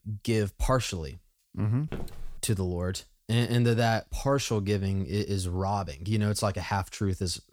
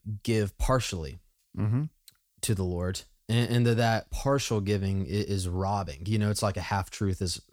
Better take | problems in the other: second | footsteps; faint; at 2 s; peak 10 dB below the speech

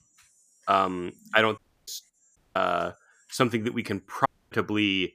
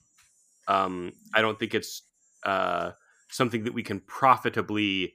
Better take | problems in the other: second | audio cutting out; at 1.5 s, at 2.5 s and at 4.5 s

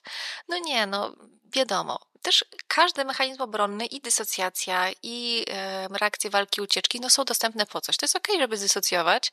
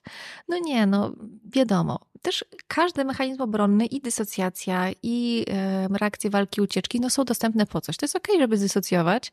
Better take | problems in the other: second | thin; very; fading below 650 Hz

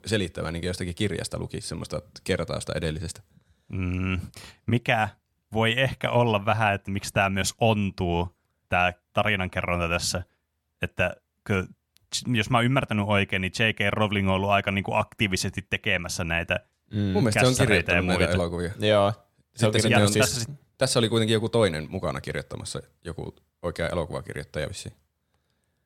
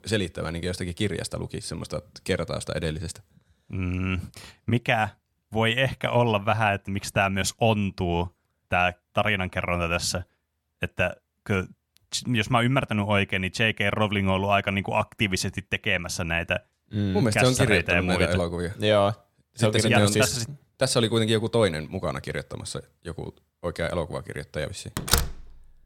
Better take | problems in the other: first | door banging; loud; at 25 s; peak 2 dB above the speech

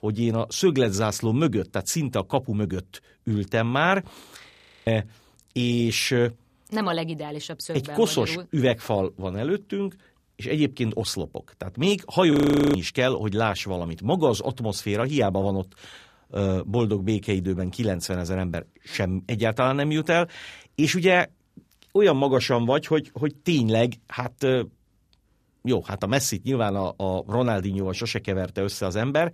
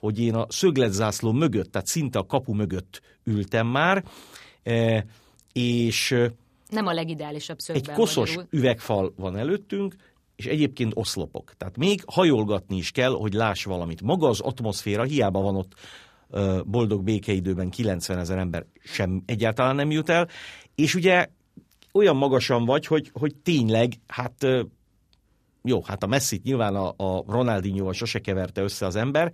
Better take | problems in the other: second | audio freezing; at 4.5 s and at 12 s

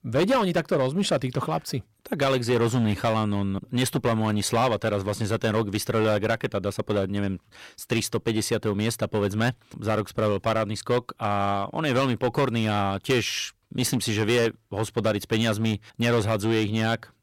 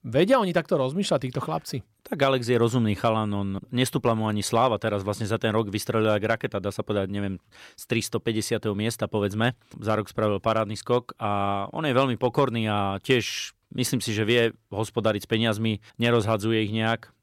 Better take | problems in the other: second | distortion; slight; 8% of the sound clipped

